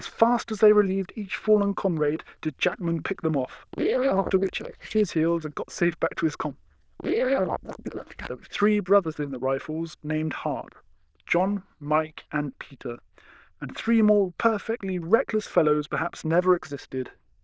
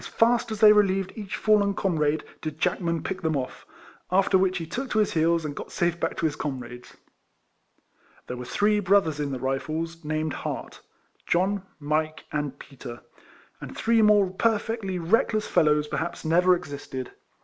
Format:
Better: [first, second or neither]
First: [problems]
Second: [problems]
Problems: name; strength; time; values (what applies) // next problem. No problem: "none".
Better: second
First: noise reduction (neural diffusion model UNIVERSE++)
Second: none